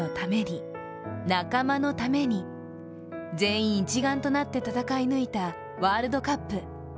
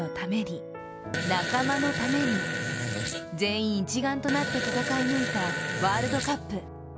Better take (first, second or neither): first